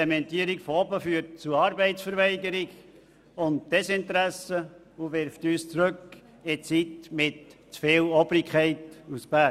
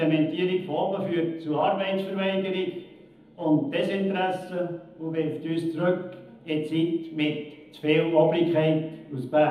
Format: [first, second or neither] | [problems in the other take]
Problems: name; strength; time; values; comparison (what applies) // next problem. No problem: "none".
first | room echo; dies away in 1 s